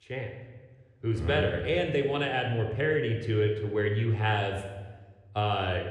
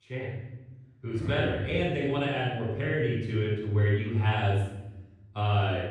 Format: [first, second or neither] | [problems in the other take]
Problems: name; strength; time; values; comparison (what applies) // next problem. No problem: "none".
first | room echo; strong; dies away in 1 s; slight in the first // off-mic speech; far